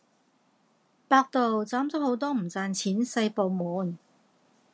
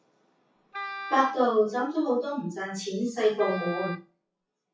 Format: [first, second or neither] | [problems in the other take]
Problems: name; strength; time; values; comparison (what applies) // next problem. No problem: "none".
first | noise reduction (classical method WPE with log-MMSE)